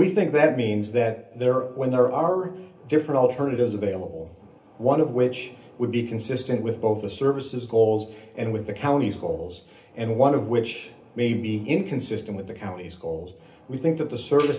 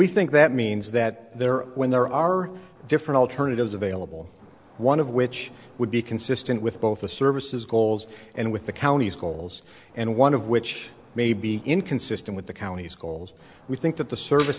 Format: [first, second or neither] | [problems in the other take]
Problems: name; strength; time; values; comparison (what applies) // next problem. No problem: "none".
second | room echo; dies away in 0.3 s